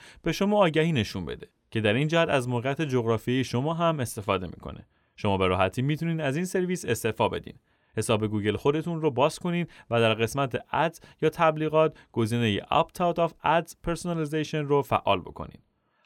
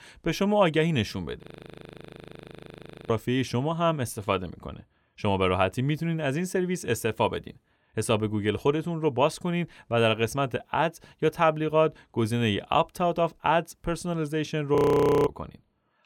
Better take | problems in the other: first | audio freezing; at 1.5 s for 1.5 s and at 15 s for 0.5 s

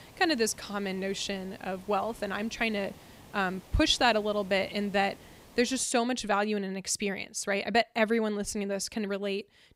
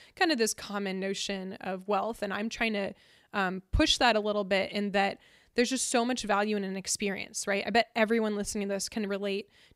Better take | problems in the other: second | hiss; faint; until 6 s; 25 dB below the speech

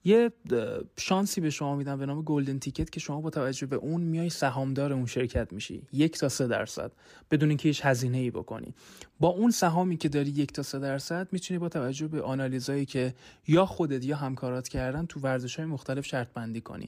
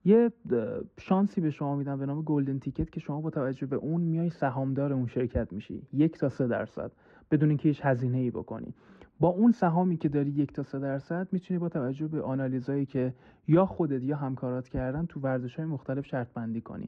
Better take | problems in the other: first | muffled; very; fading above 1.5 kHz

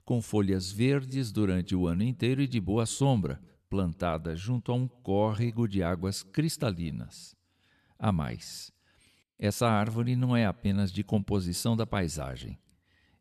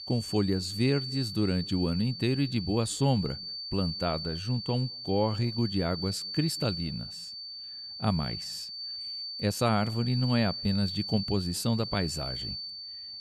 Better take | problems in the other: first | high-pitched whine; loud; throughout; 4.5 kHz, 6 dB below the speech

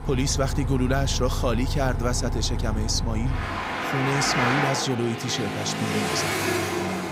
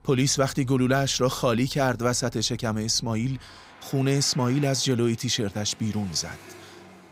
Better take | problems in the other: second | traffic noise; loud; throughout; 1 dB below the speech; faint in the second

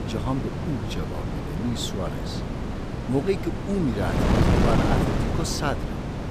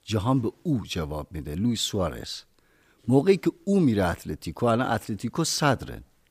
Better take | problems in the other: second | wind noise on the microphone; heavy; as loud as the speech

